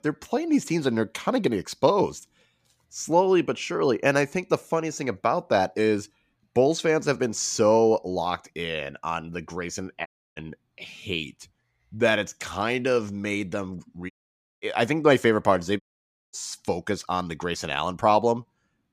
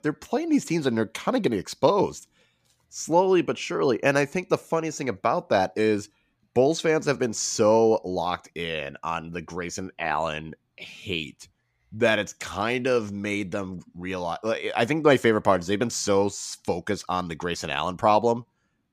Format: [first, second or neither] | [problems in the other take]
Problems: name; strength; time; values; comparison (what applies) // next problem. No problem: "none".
second | audio cutting out; at 10 s, at 14 s for 0.5 s and at 16 s for 0.5 s